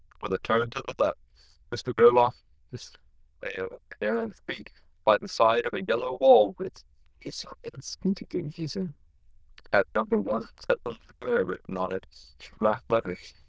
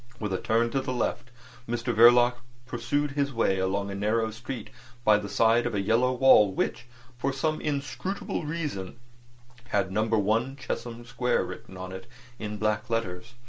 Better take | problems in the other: second | noise reduction (neural diffusion model UNIVERSE++)

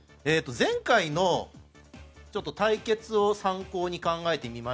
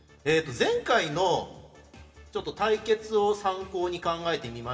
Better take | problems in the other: first | room echo; dies away in 0.9 s

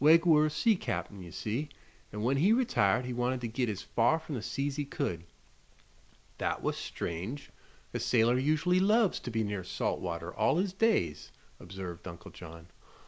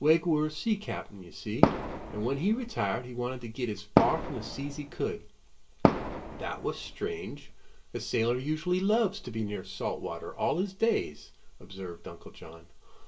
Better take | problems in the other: first | background sound (Fireworks); 2 dB above the speech // room echo; dies away in 0.2 s

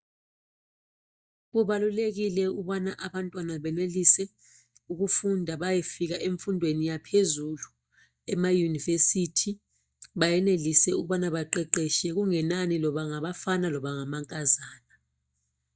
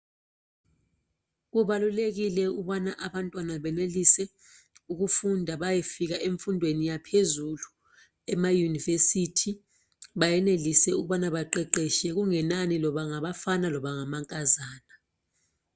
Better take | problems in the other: second | noise reduction (neural mask model DeepFilterNet 3)

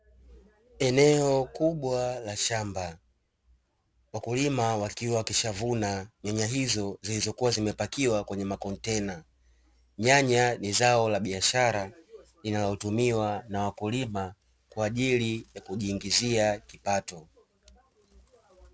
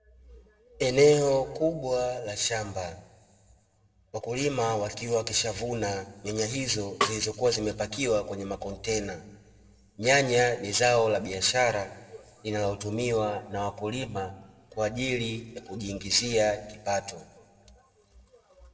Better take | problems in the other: first | background sound (Snare drum); 6 dB below the speech // room echo; dies away in 1.1 s

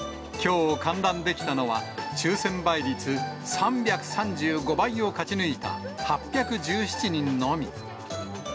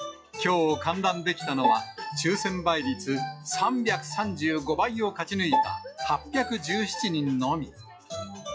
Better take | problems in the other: first | noise reduction (classical method log-MMSE)

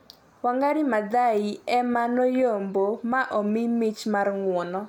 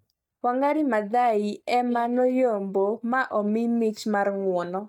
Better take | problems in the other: first | noise reduction (neural mask model DeepFilterNet 3)

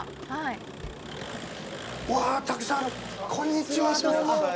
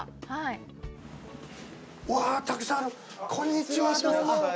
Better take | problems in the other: second | background sound (Engine); 12 dB below the speech

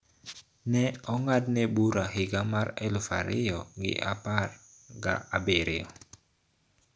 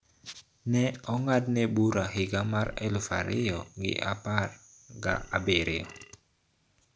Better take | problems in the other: first | background sound (Burping, eructation); 18 dB below the speech

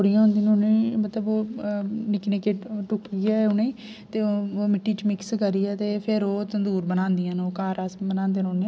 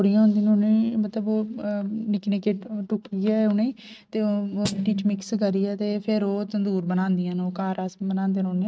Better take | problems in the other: first | noise reduction (neural mask model RNNoise)

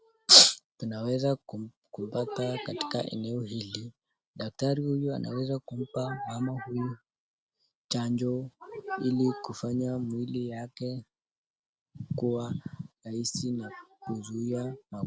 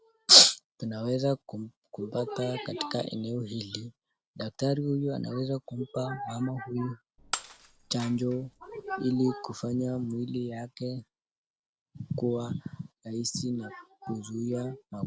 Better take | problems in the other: first | background sound (Shatter); 13 dB below the speech

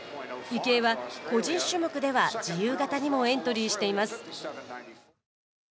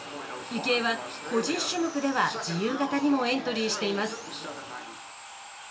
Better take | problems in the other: first | background sound (Sawing); 13 dB below the speech // room echo; dies away in 0.2 s

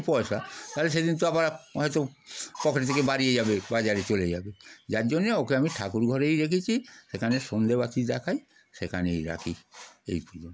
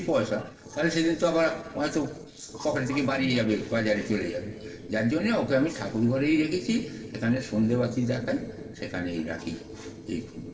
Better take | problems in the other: first | noise reduction (neural separator model SepFormer DNS4)

